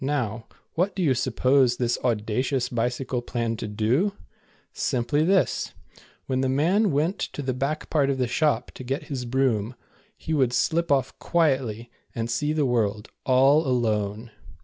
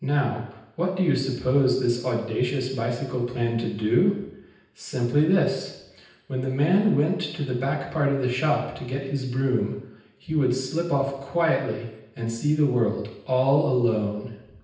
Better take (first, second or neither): first